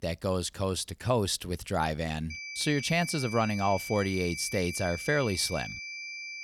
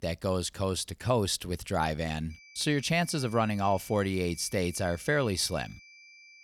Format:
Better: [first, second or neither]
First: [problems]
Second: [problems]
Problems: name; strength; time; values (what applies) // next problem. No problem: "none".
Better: second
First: high-pitched whine; loud; from 2.5 s on; 2.5 kHz, 8 dB below the speech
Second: high-pitched whine; faint; from 2.5 s on; 2.5 kHz, 20 dB below the speech